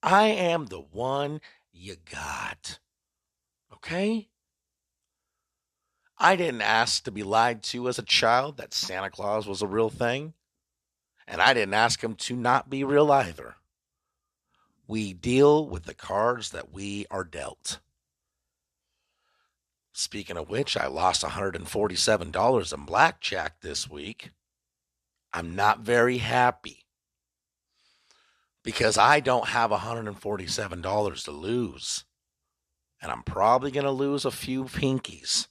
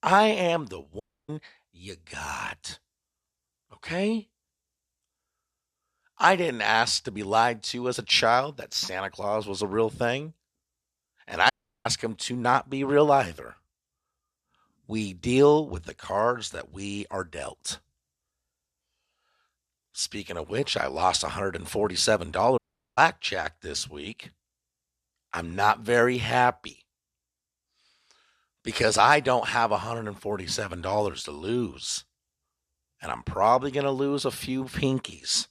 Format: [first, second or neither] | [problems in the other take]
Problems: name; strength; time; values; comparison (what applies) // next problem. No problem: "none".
first | audio cutting out; at 1 s, at 12 s and at 23 s